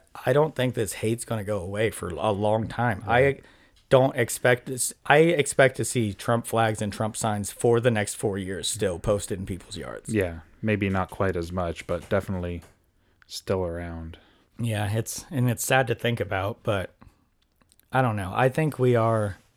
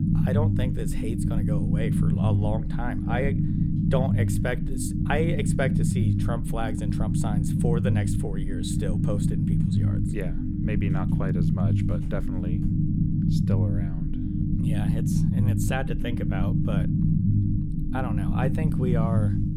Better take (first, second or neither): first